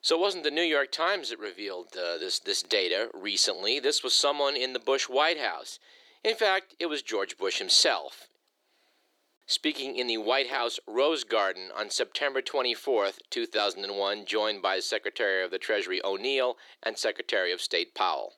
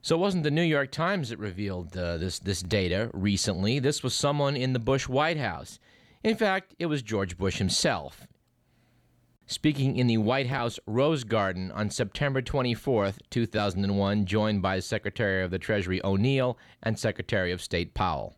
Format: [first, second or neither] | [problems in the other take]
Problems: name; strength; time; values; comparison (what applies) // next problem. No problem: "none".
second | thin; very; fading below 350 Hz